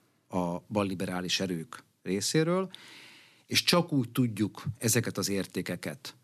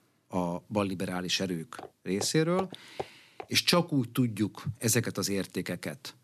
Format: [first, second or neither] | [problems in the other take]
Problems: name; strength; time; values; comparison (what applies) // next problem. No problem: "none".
first | footsteps; faint; from 2 to 3.5 s; peak 10 dB below the speech